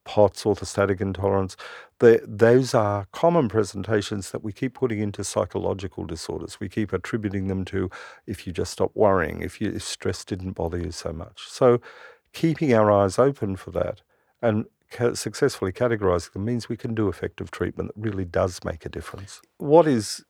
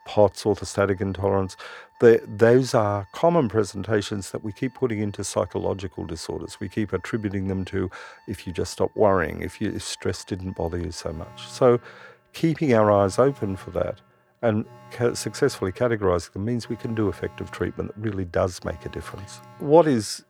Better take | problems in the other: first | alarms or sirens; faint; throughout; 25 dB below the speech

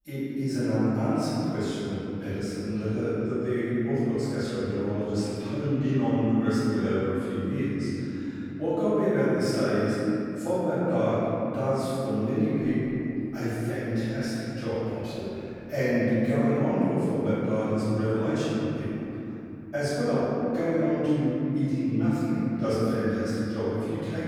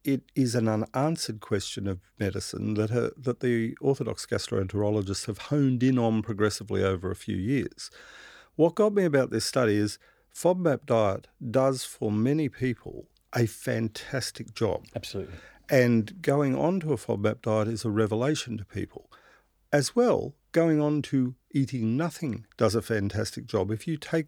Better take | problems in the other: second | room echo; strong; dies away in 3 s // off-mic speech; far

